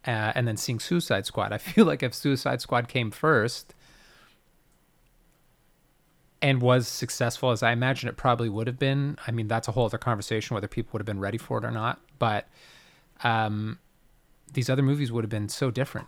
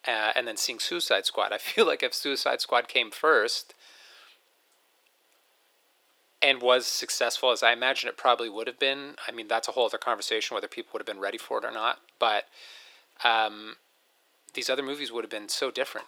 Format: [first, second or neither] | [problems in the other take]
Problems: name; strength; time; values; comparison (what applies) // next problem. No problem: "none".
first | thin; very; fading below 400 Hz